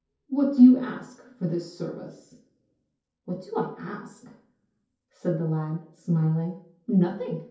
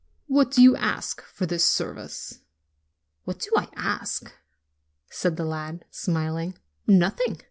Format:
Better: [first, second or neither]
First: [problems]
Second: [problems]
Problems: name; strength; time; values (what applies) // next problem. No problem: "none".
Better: second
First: room echo; dies away in 0.6 s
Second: none